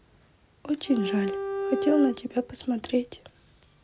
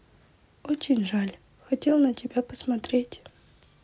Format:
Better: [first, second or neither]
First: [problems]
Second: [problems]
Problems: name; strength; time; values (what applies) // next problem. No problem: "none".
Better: second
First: background sound (Bowed string instrument); 3 dB below the speech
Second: none